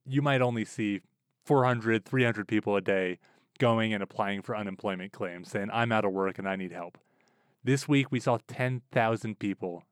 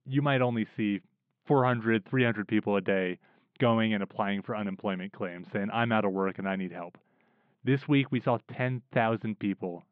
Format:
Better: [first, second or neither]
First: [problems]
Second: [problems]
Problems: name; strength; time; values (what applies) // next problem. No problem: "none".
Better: first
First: none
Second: muffled; very; fading above 3.5 kHz